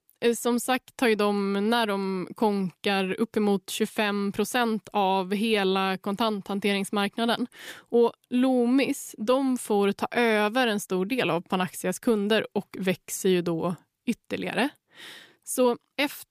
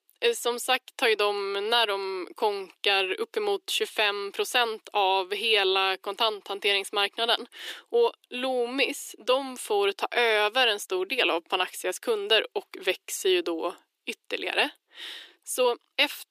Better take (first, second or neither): first